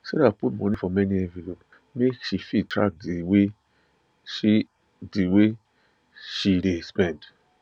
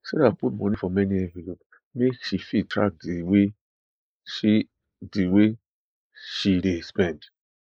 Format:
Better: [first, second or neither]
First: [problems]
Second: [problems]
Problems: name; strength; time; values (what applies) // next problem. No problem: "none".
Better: first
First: none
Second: noise reduction (neural mask model Resemble Enhance denoiser)